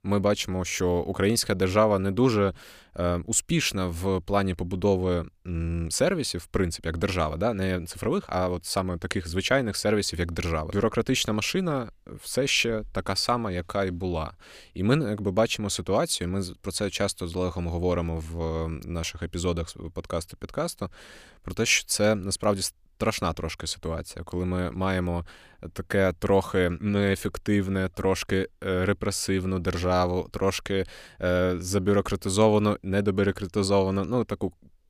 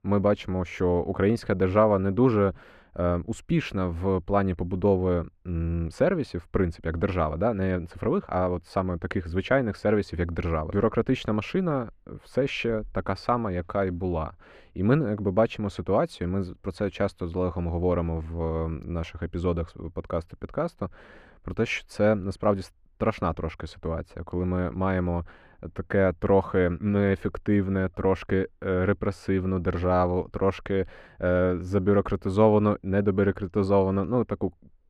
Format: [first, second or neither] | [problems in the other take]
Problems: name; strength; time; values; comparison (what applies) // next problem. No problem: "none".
first | muffled; very; fading above 3.5 kHz